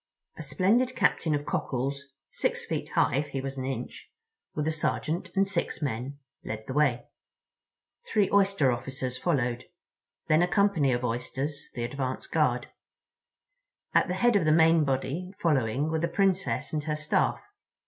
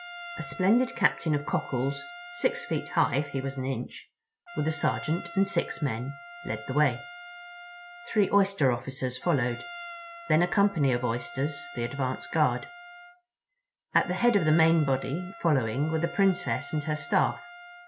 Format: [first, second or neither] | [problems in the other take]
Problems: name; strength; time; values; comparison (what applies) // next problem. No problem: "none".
first | background sound (Trumpet); 16 dB below the speech